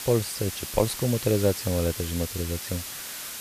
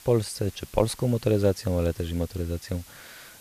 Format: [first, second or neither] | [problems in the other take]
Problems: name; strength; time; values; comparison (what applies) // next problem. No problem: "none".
second | hiss; loud; throughout; 6 dB below the speech; faint in the second